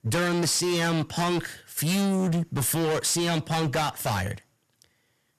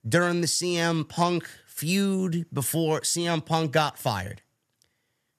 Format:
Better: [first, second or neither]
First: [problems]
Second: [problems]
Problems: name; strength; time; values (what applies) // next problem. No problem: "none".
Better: second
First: distortion; heavy; 27% of the sound clipped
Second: none